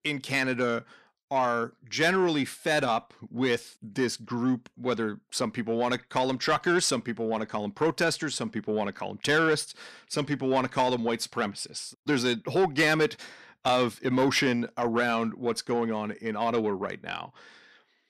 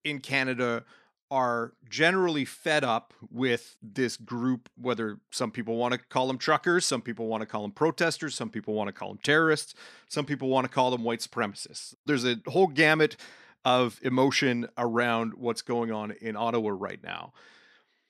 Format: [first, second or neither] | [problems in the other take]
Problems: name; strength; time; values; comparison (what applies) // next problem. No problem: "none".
second | distortion; slight; 10 dB below the speech